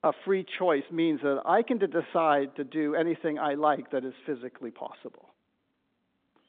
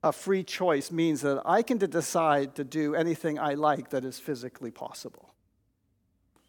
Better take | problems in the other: second | phone-call audio; nothing above 3.5 kHz

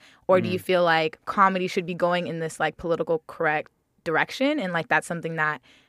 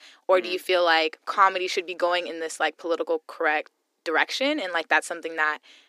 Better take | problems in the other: first | thin; somewhat; fading below 300 Hz

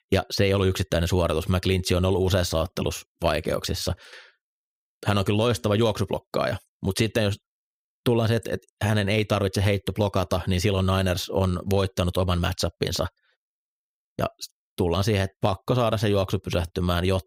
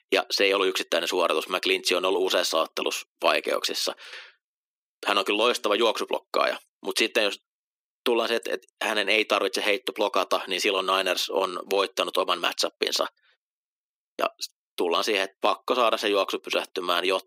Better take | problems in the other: first | thin; very; fading below 300 Hz

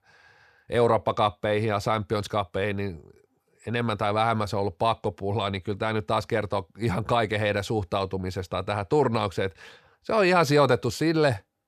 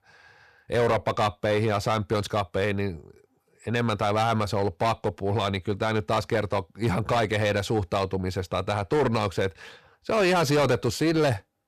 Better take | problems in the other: first | distortion; slight; 11% of the sound clipped

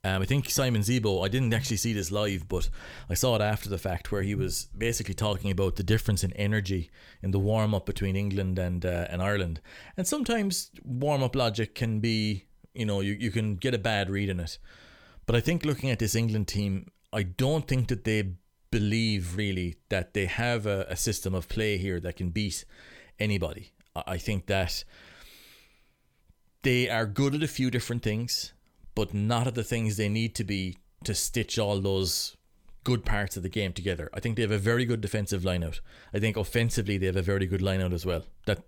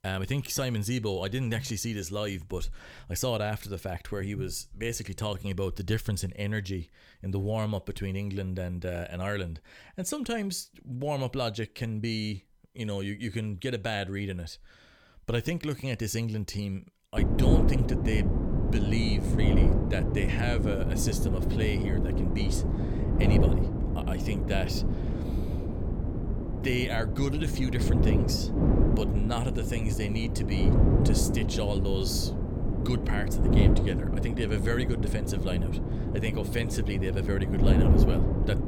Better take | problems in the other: first | wind noise on the microphone; heavy; from 17 s on; 1 dB below the speech

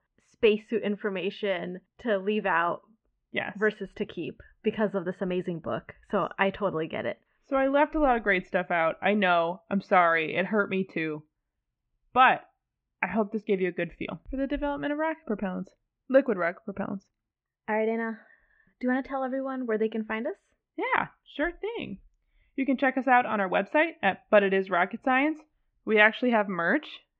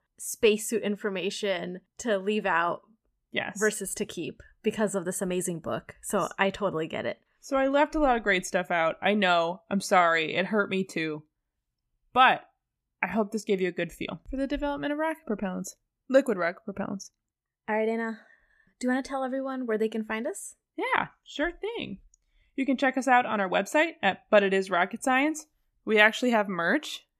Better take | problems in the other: second | muffled; very; fading above 3 kHz

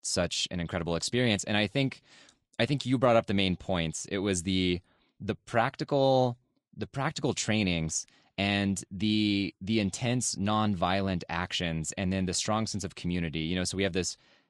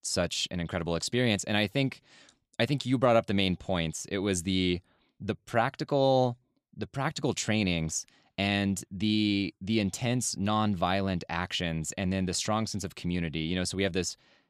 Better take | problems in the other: second | garbled, watery; slightly; nothing above 10 kHz

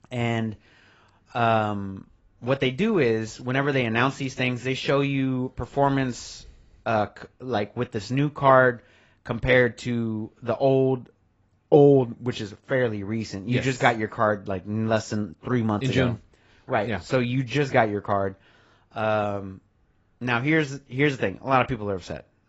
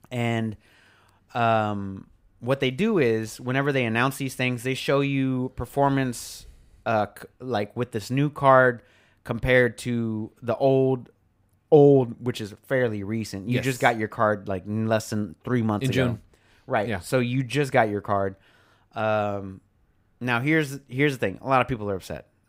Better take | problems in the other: second | garbled, watery; badly; nothing above 7.5 kHz

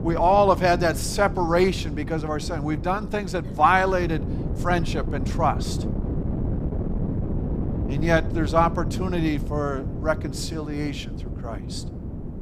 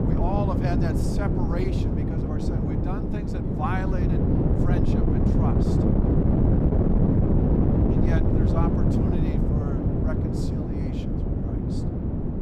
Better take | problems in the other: first | wind noise on the microphone; heavy; 5 dB above the speech; occasional gusts in the first

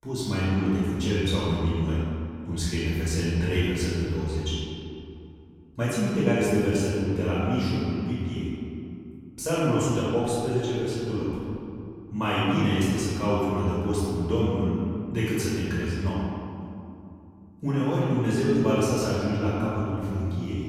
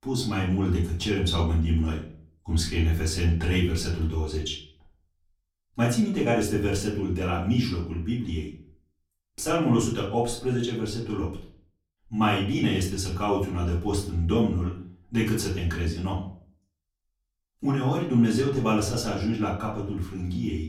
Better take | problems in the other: second | room echo; strong; dies away in 2.5 s; slight in the second // off-mic speech; far; far in the second

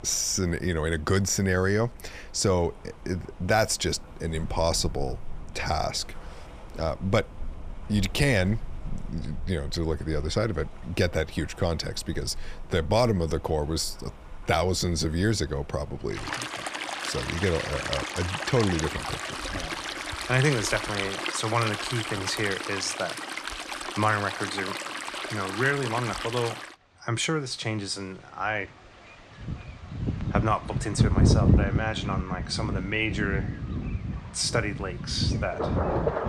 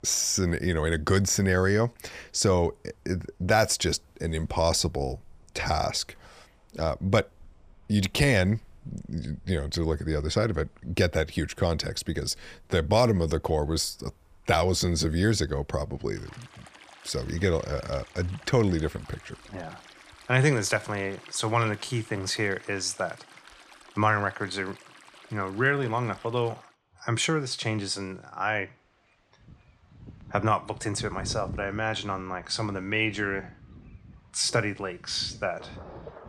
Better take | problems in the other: second | rain or running water; loud; throughout; 3 dB below the speech; faint in the second

